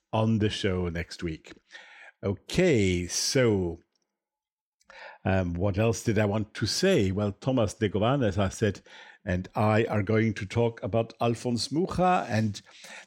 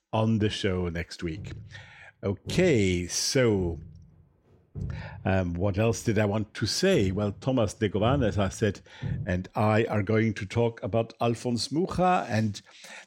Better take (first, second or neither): first